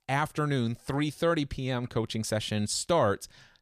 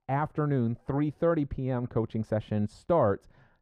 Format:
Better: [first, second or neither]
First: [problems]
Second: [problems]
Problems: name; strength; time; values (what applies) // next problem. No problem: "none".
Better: first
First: none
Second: muffled; very; fading above 2.5 kHz